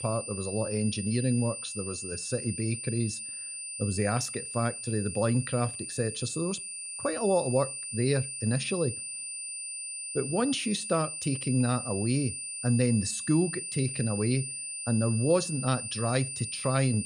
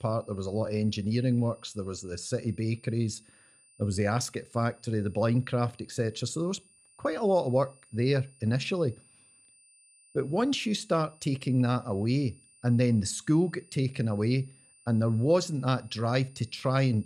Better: second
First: high-pitched whine; loud; throughout; 9 kHz, 5 dB below the speech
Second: high-pitched whine; faint; throughout; 9 kHz, 30 dB below the speech

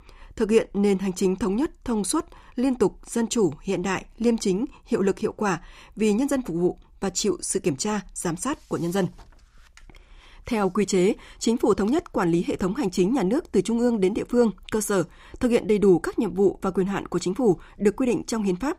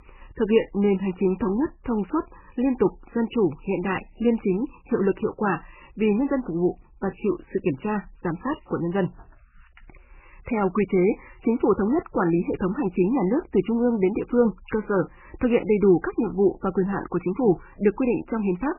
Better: first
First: none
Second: garbled, watery; badly; nothing above 3 kHz

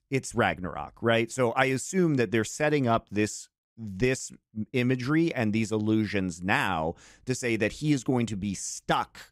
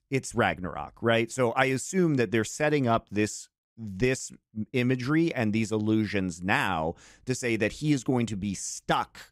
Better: neither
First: none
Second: none

